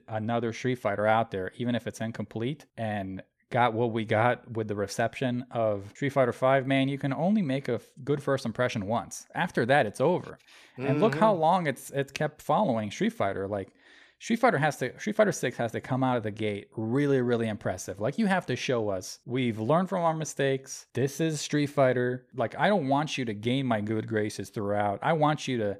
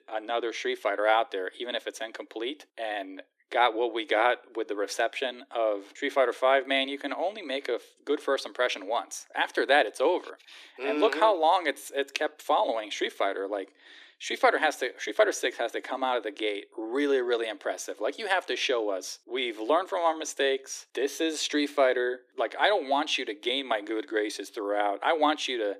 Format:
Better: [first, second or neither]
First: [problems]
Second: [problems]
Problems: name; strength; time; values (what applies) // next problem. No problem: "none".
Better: first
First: none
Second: thin; somewhat; fading below 300 Hz